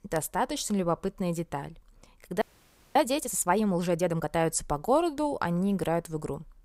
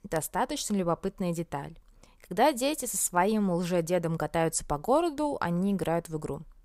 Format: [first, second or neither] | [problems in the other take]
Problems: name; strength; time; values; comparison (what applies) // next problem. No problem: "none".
second | audio freezing; at 2.5 s for 0.5 s